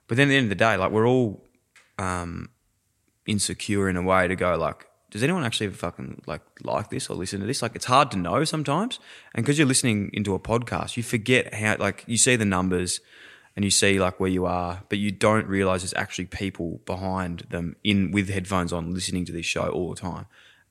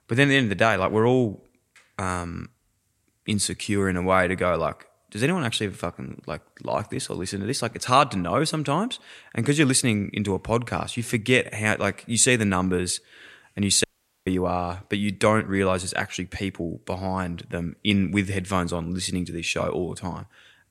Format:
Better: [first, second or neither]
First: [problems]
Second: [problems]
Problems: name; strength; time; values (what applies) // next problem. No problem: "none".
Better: first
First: none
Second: audio cutting out; at 14 s